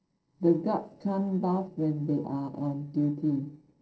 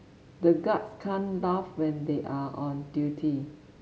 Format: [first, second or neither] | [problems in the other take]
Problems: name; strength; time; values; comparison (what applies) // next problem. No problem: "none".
second | noise reduction (neural separator model SepFormer DNS4)